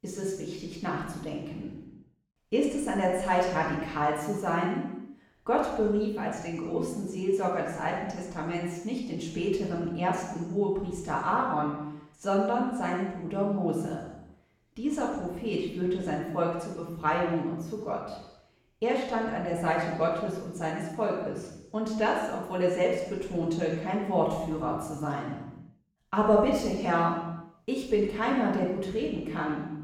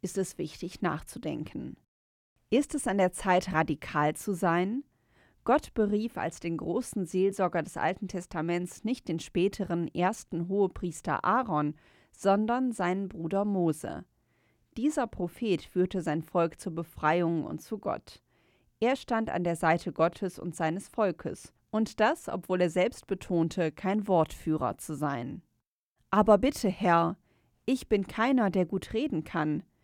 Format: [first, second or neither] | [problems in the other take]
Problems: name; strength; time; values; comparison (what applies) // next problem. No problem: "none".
second | room echo; noticeable; dies away in 0.9 s // off-mic speech; far